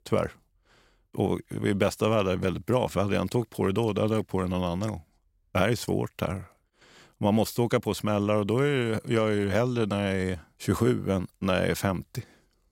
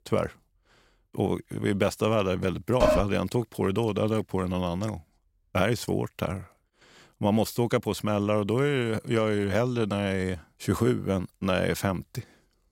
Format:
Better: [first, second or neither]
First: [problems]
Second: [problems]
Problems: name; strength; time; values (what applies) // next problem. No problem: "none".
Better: first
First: none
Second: clattering dishes; loud; at 3 s; peak 3 dB above the speech